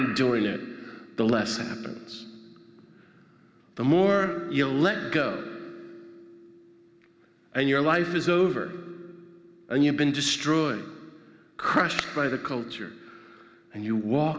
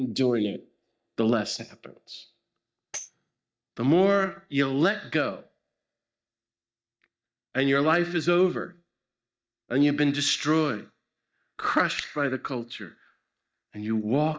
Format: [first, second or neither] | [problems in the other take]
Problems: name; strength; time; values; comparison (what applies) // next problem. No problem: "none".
first | noise reduction (neural mask model DeepFilterNet 3)